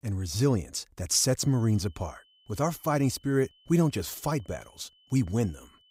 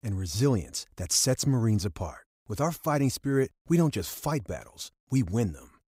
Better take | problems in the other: second | high-pitched whine; faint; from 1.5 s on; 3 kHz, 35 dB below the speech

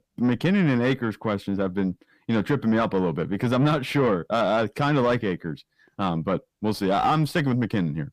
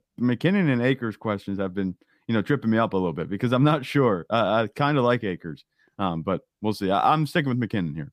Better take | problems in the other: second | distortion; slight; 10 dB below the speech

